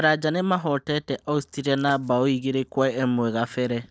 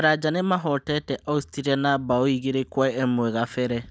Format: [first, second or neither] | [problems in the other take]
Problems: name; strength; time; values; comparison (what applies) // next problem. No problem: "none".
second | noise reduction (neural separator model SepFormer DNS4)